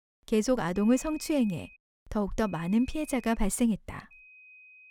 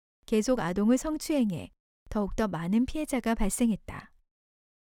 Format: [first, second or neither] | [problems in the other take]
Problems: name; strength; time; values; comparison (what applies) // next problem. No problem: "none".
second | high-pitched whine; faint; from 1 to 2 s, at 2.5 s and at 4 s; 2.5 kHz, 25 dB below the speech